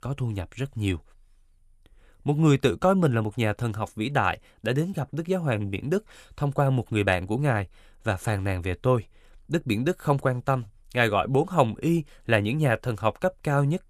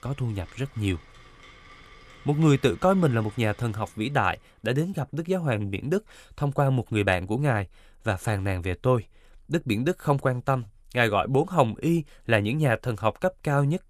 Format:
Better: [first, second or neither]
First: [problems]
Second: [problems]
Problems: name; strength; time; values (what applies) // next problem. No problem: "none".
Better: first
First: none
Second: rain or running water; faint; until 4 s; 25 dB below the speech